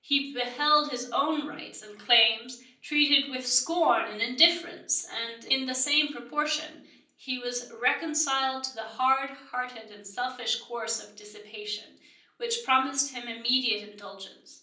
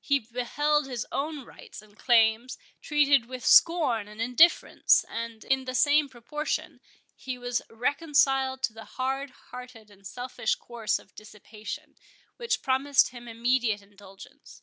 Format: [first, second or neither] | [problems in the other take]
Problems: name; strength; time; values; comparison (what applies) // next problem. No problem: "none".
second | room echo; dies away in 0.6 s